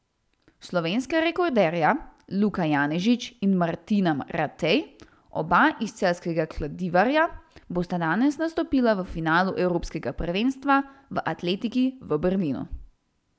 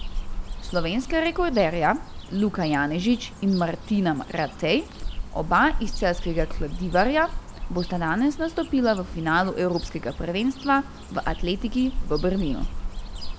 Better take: first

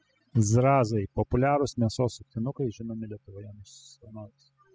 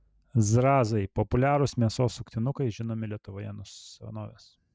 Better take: second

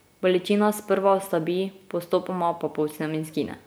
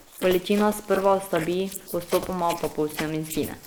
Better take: first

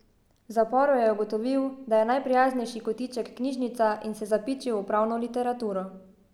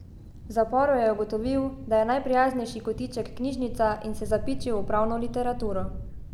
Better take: first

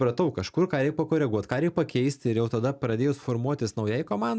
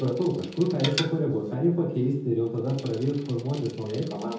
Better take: first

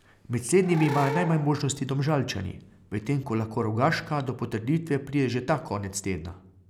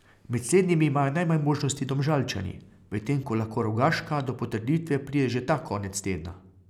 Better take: second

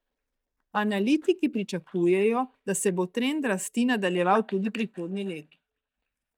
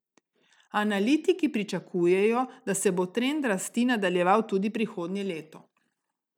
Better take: second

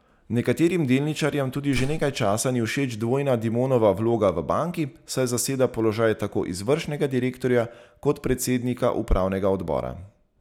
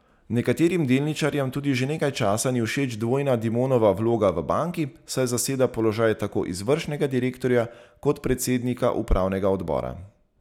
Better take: second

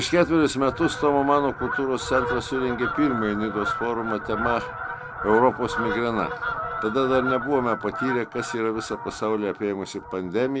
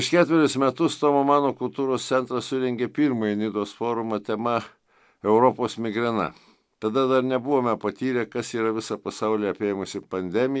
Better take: second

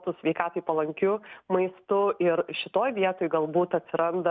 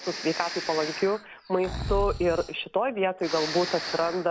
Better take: first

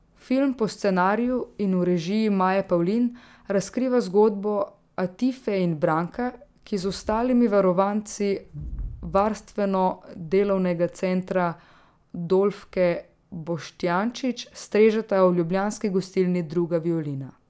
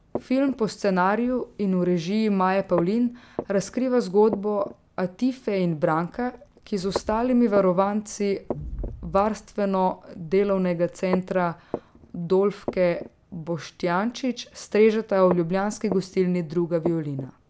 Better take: first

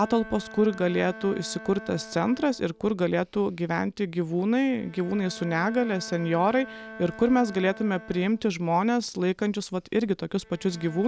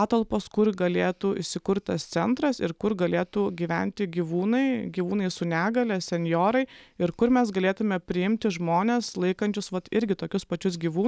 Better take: second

